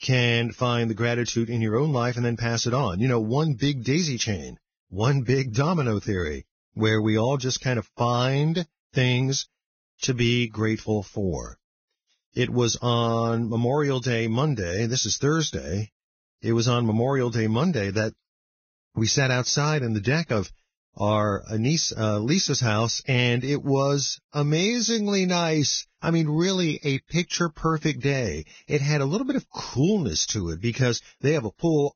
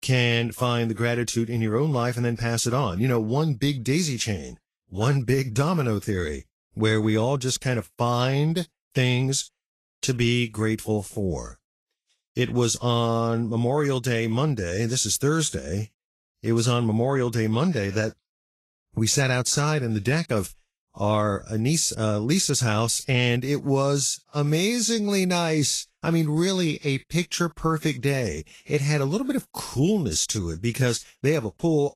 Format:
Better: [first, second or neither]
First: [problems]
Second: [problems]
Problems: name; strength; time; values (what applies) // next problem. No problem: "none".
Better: second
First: garbled, watery; badly; nothing above 6.5 kHz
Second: garbled, watery; slightly; nothing above 12.5 kHz